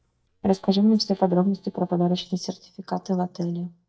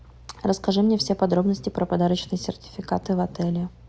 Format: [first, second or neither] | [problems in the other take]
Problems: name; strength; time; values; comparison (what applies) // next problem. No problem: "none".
second | noise reduction (neural mask model DeepFilterNet 3)